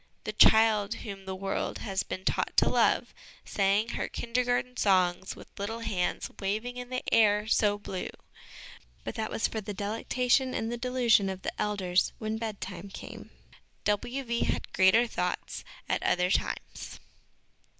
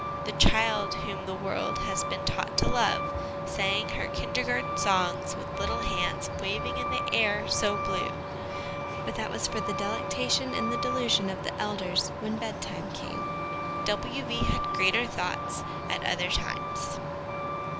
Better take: first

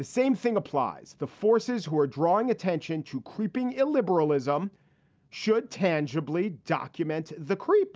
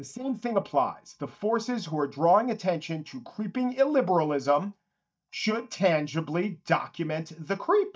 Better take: first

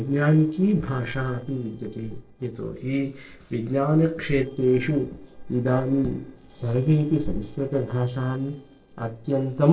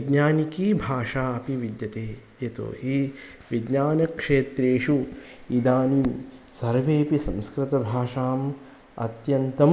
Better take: second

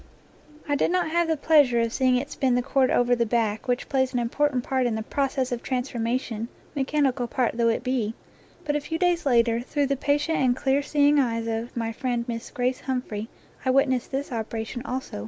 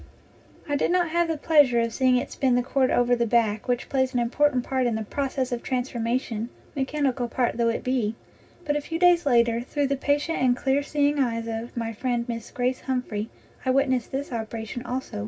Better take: first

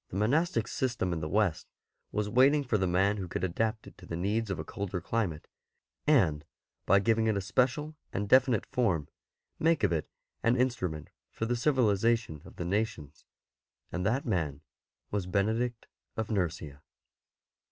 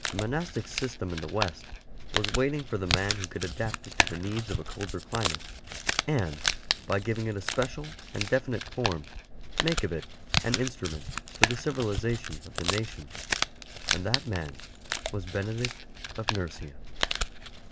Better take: first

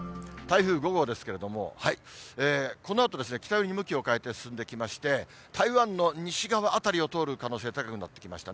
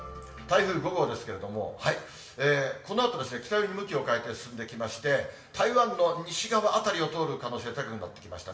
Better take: first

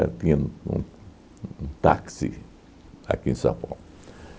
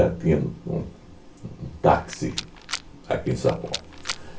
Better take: first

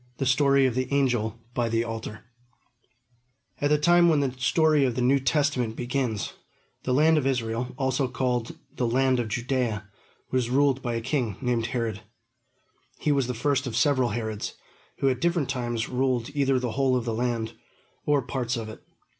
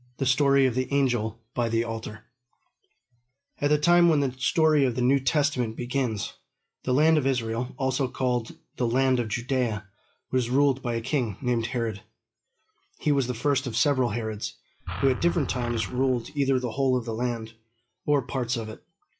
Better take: first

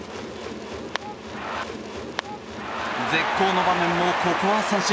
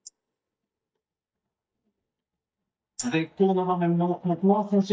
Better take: first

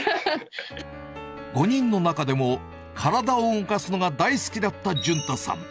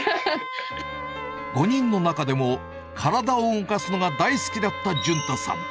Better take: first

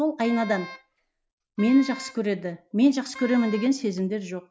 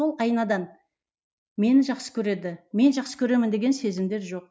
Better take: second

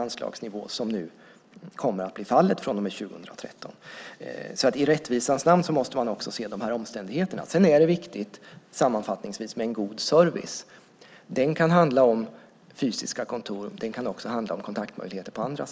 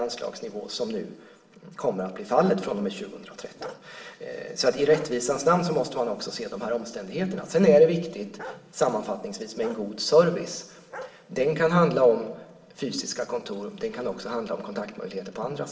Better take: first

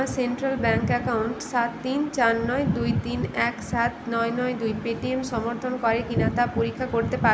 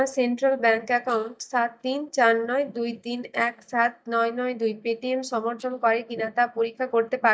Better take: first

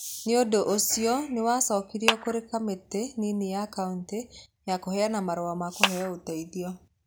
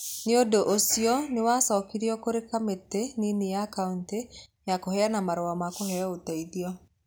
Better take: second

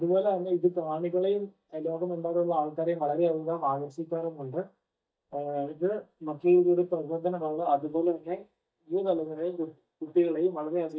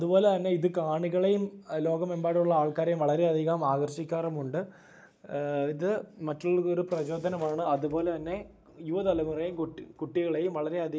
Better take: second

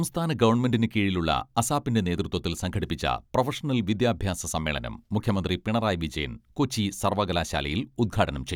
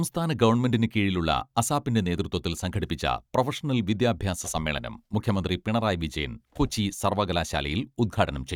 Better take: first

